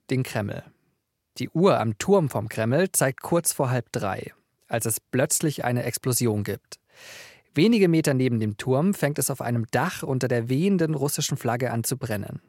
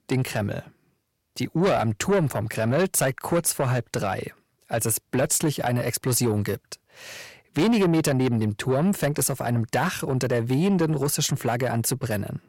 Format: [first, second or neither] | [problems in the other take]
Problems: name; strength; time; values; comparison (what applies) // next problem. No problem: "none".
first | distortion; slight; 10 dB below the speech